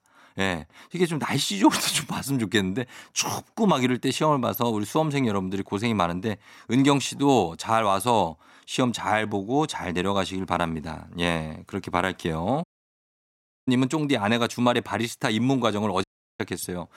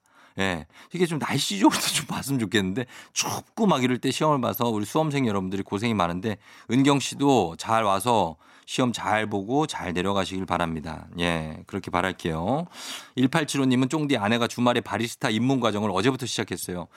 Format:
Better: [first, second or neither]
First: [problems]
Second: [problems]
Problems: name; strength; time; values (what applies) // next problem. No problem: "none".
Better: second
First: audio cutting out; at 13 s for 1 s and at 16 s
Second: none